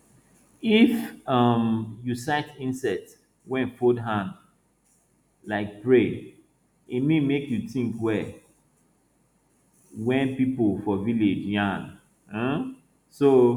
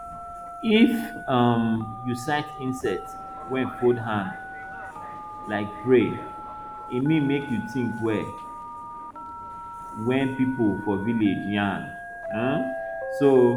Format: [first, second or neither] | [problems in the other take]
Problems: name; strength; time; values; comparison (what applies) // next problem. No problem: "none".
first | background sound (Telephone + Subway, metro, underground); 11 dB below the speech